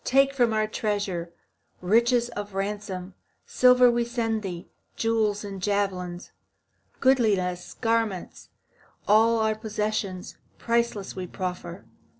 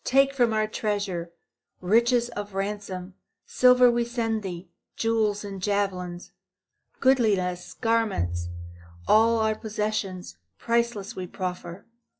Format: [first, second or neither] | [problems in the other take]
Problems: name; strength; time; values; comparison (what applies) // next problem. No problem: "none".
first | noise reduction (classical method log-MMSE)